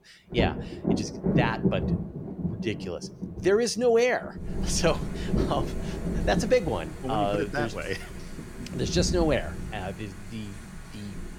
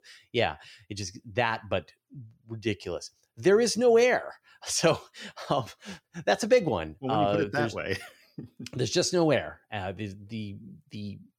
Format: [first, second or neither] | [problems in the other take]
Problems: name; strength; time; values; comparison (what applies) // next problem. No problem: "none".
second | rain or running water; loud; throughout; 4 dB below the speech